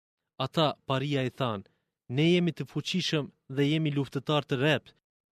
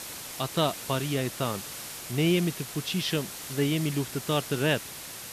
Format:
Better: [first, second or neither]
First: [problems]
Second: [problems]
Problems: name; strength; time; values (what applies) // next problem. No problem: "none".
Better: first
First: none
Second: hiss; loud; throughout; 8 dB below the speech